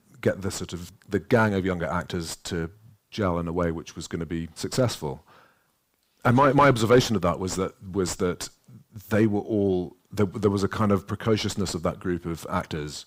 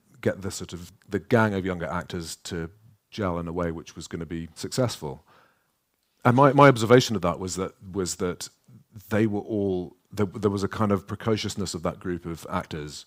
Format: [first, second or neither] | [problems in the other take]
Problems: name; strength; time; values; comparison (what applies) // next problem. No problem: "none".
second | distortion; heavy; 7 dB below the speech